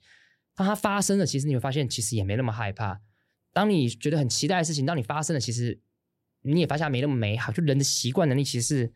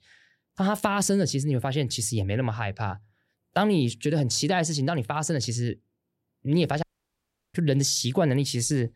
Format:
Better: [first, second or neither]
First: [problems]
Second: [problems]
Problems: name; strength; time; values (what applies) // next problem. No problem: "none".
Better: first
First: none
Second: audio cutting out; at 7 s for 0.5 s